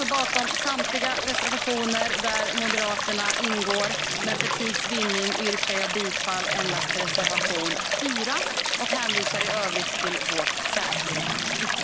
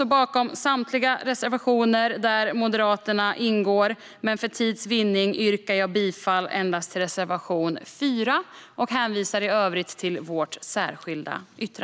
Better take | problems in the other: second | background sound (Stream); 4 dB above the speech

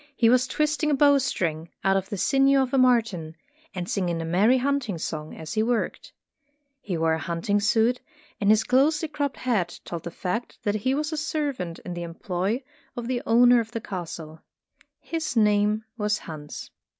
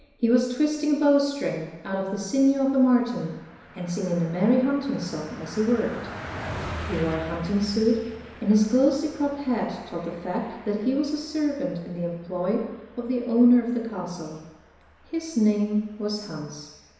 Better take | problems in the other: first | background sound (Car passing by); 17 dB below the speech // room echo; dies away in 1 s

